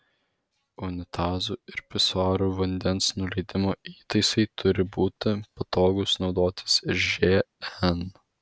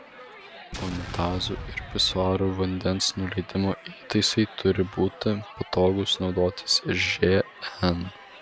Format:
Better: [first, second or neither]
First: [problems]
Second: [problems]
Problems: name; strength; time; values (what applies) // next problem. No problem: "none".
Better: first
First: none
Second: background sound (Crowd + Explosion); 16 dB below the speech